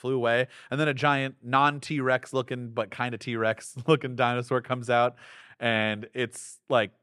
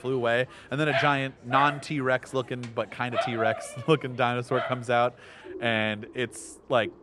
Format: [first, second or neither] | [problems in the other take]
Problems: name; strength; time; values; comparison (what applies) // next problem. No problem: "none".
first | animal sounds; loud; throughout; 6 dB below the speech